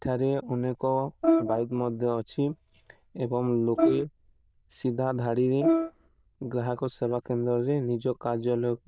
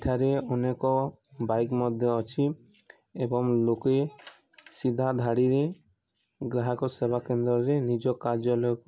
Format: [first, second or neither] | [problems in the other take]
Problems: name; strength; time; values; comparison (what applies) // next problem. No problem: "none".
second | noise reduction (neural diffusion model UNIVERSE++)